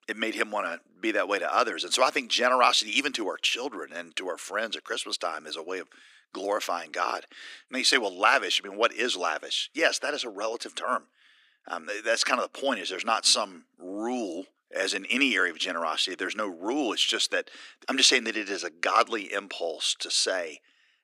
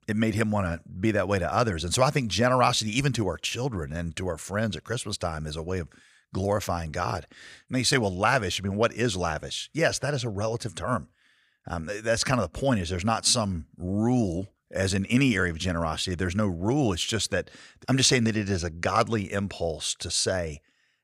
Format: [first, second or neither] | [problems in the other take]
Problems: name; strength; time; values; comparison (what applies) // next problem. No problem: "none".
second | thin; somewhat; fading below 300 Hz